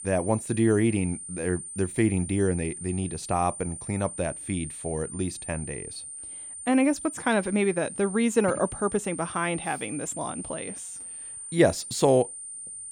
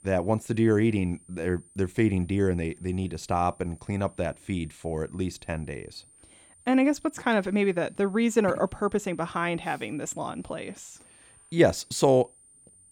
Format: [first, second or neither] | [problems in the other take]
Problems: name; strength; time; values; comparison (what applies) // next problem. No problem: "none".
second | high-pitched whine; loud; throughout; 9 kHz, 9 dB below the speech; faint in the second